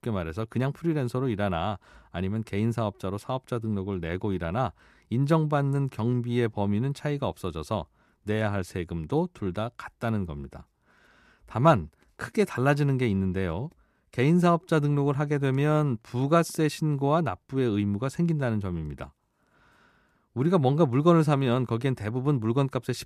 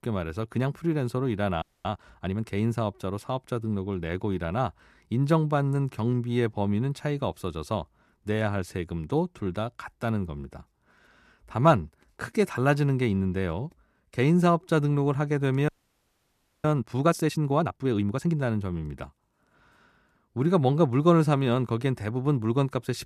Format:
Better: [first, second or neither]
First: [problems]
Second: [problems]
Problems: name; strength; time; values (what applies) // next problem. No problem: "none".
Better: first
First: none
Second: audio freezing; at 1.5 s and at 16 s for 1 s